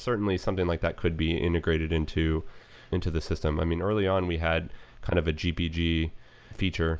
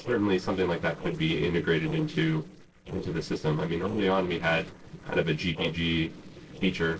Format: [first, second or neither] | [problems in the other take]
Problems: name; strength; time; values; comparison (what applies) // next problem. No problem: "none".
first | noise reduction (neural separator model SepFormer DNS4)